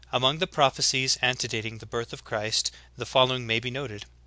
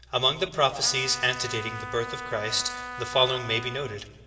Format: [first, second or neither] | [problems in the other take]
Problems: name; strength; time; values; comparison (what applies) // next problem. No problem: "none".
first | background sound (Trumpet); 10 dB below the speech // room echo; dies away in 2.7 s